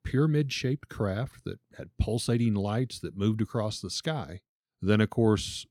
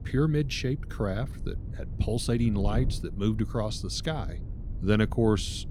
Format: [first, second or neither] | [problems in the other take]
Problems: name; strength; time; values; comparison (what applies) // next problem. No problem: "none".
first | wind noise on the microphone; occasional gusts; 20 dB below the speech